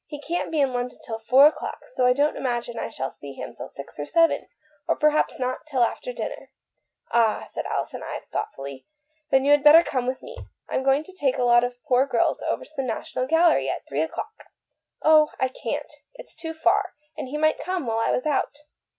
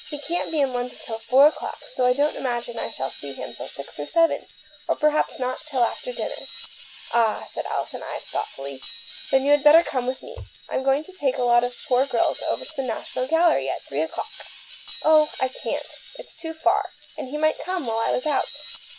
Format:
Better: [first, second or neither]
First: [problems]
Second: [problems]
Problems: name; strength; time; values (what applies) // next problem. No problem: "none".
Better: first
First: none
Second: background sound (Screech); 18 dB below the speech